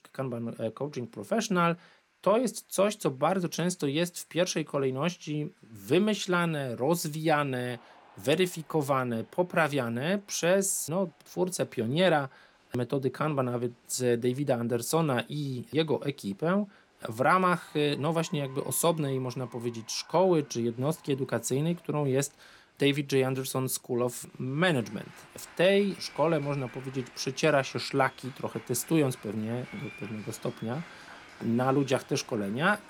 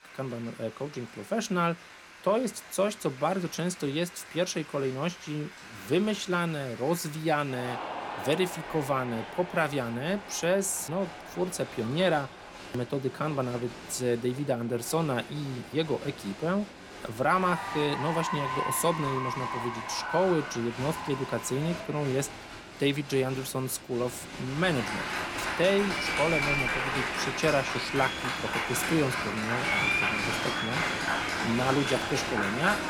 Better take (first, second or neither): first